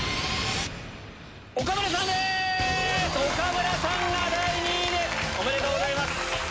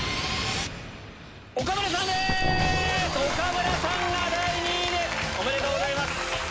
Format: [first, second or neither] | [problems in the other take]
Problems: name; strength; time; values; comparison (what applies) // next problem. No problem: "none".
first | background sound (Growling); 4 dB below the speech